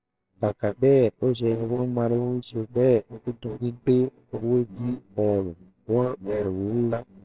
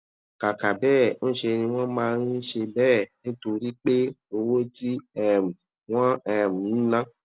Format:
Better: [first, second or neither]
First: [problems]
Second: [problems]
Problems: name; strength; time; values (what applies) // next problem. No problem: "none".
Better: second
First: noise reduction (neural separator model SepFormer WHAMR!)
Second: none